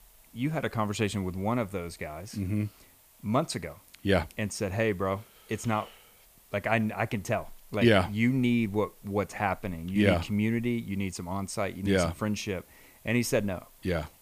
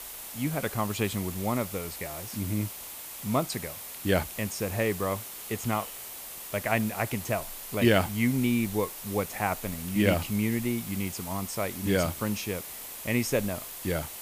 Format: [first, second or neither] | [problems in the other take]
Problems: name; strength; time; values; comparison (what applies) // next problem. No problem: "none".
first | hiss; loud; throughout; 8 dB below the speech; faint in the first